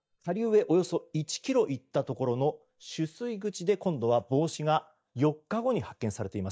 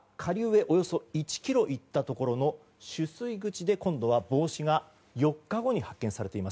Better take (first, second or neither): second